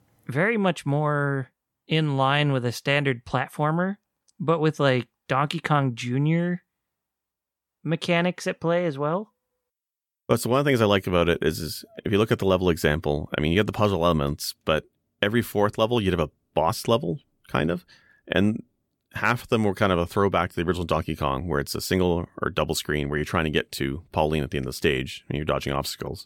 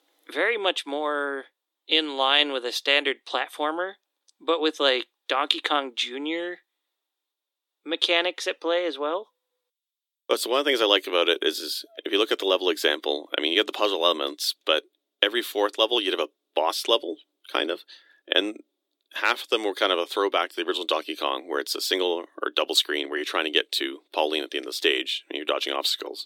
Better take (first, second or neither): first